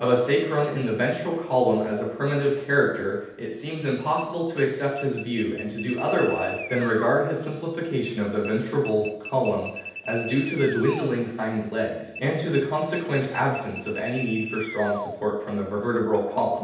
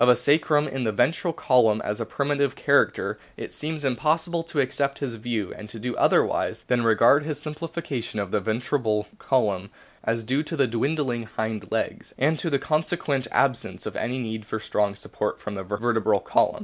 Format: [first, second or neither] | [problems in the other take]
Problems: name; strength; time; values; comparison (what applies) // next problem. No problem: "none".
second | background sound (Alarm); 13 dB below the speech // room echo; dies away in 0.8 s